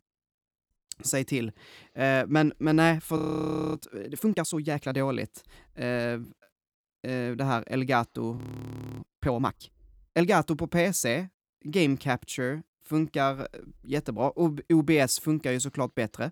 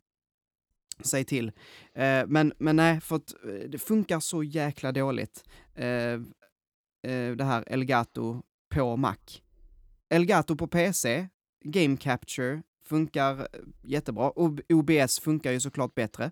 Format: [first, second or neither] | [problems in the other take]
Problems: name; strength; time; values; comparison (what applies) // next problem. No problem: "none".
second | audio freezing; at 3 s for 0.5 s and at 8.5 s for 0.5 s